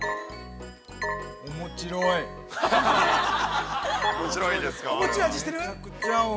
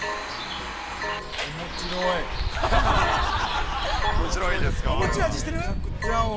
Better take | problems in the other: first | background sound (Bus); 1 dB above the speech

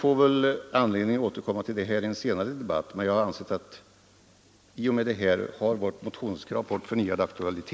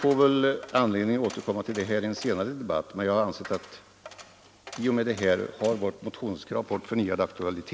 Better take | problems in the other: first | background sound (Coin (dropping)); 19 dB below the speech

